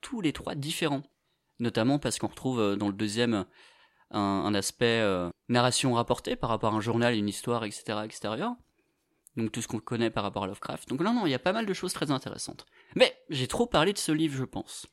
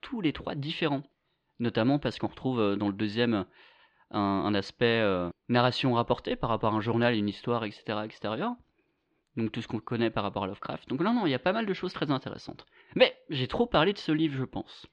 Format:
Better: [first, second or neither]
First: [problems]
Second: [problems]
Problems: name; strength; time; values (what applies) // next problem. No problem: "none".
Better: first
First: none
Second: muffled; very slightly; fading above 4 kHz